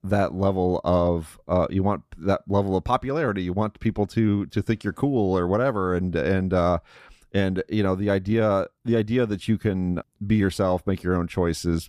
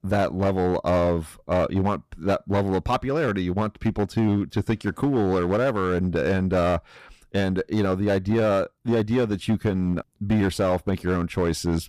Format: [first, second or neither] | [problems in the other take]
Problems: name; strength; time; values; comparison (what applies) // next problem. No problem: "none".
first | distortion; slight; 9% of the sound clipped